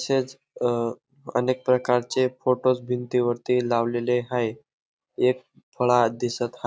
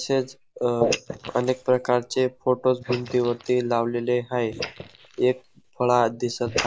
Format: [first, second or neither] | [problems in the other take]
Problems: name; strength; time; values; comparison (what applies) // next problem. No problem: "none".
first | noise reduction (neural mask model Resemble Enhance denoiser)